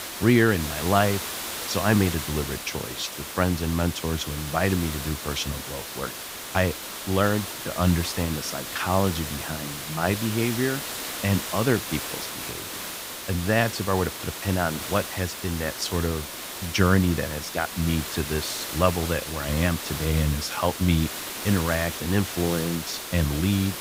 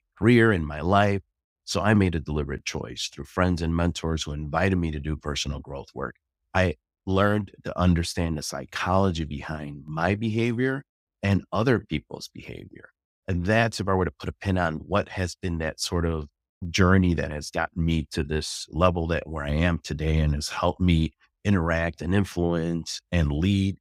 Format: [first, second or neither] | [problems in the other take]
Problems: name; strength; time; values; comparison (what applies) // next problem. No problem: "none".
second | hiss; loud; throughout; 6 dB below the speech